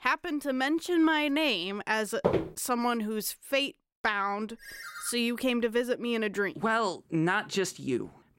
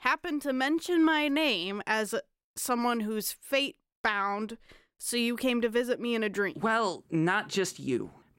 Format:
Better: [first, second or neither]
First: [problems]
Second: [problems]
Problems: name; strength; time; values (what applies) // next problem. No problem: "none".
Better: second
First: footsteps; loud; at 2 s; peak level with the speech // phone ringing; faint; at 4.5 s; peak 10 dB below the speech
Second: none